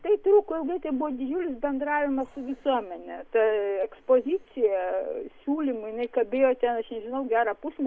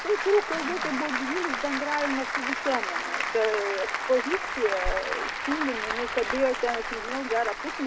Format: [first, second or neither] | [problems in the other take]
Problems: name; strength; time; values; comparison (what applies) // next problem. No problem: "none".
first | background sound (Applause); 2 dB below the speech